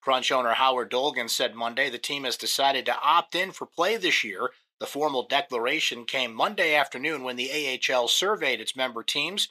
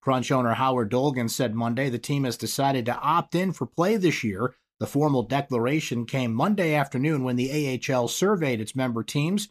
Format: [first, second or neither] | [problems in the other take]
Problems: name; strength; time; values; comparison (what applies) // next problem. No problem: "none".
second | thin; very; fading below 600 Hz